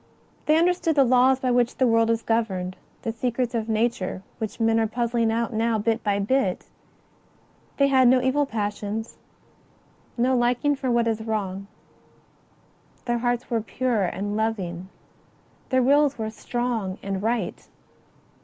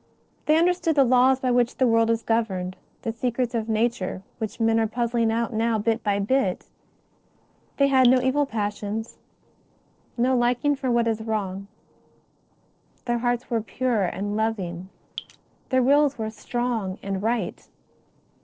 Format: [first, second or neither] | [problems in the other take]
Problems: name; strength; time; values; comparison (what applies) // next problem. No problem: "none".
first | noise reduction (neural separator model SepFormer DNS4)